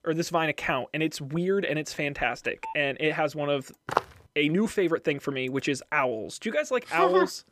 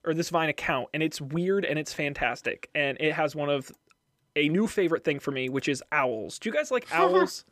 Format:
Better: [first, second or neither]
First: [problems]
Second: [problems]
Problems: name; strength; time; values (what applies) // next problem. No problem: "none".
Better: second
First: phone ringing; faint; at 2.5 s; peak 15 dB below the speech // footsteps; noticeable; at 4 s; peak 3 dB below the speech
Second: none